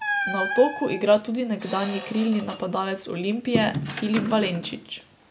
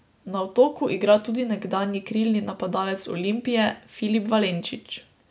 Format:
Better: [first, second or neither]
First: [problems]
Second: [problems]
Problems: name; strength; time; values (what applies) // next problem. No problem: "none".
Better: second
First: background sound (Squeak); 8 dB below the speech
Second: none